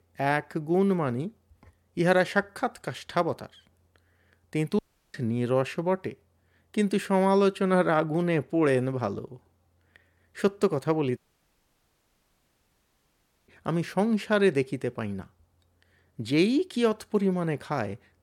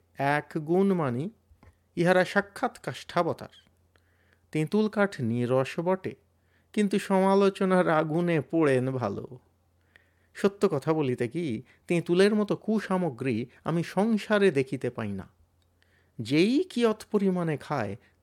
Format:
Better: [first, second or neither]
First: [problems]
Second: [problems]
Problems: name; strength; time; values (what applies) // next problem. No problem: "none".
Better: second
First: audio cutting out; at 5 s and at 11 s for 2.5 s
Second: none